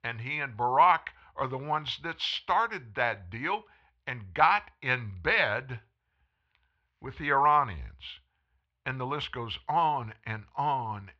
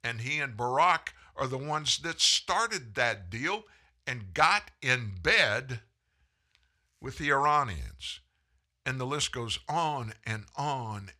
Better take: second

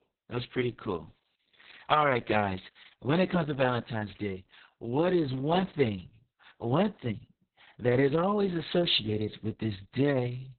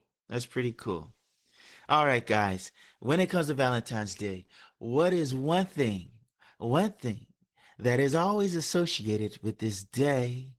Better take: second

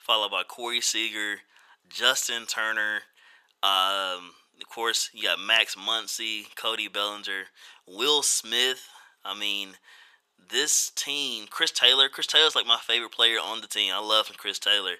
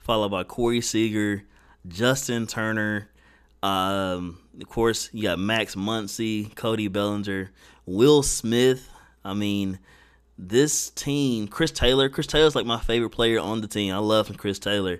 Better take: second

